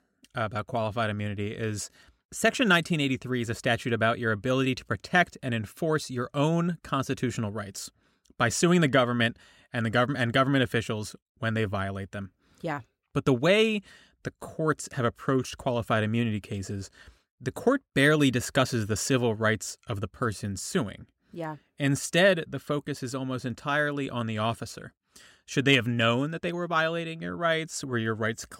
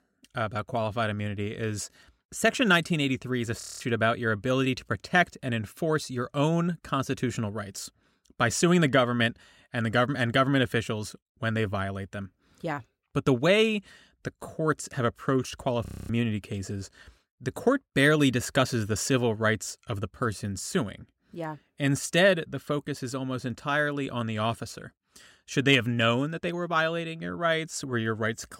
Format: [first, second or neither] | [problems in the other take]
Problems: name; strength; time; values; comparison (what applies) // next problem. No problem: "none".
first | audio freezing; at 3.5 s and at 16 s